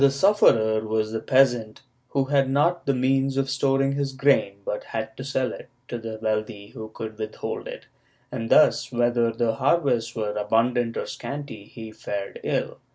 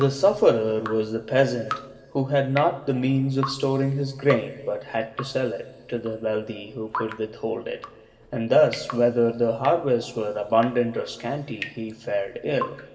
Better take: first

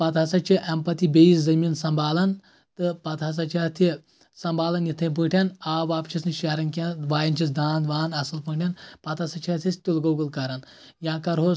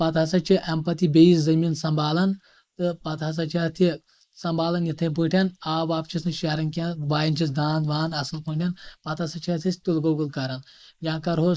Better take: first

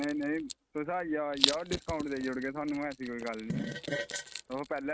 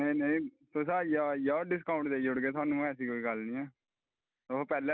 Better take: second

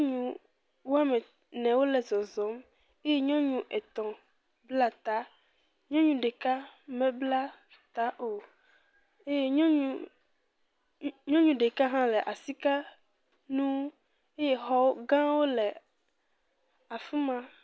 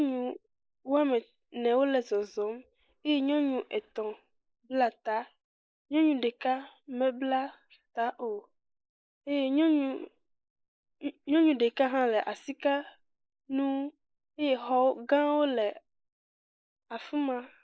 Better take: first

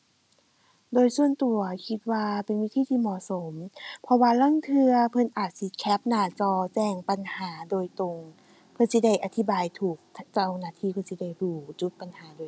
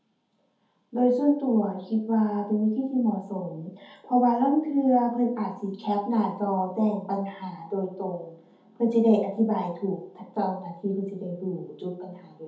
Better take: first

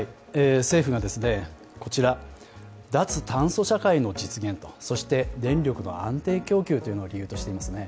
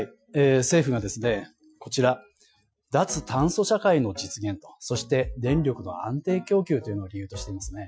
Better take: first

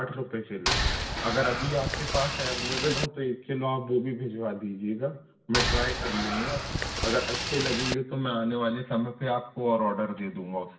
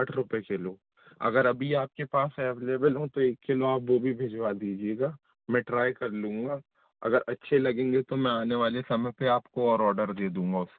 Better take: second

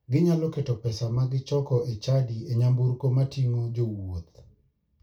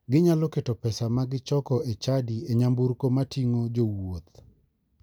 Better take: second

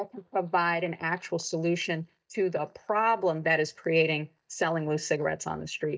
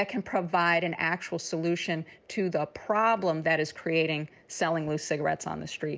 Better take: second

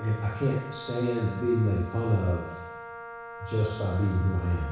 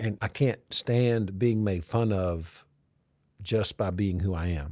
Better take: second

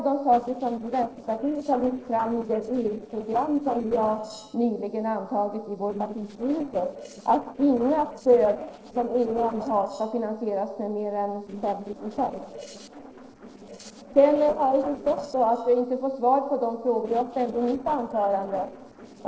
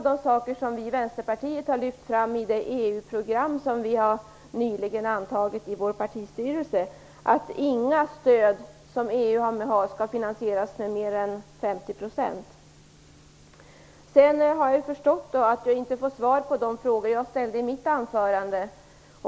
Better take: second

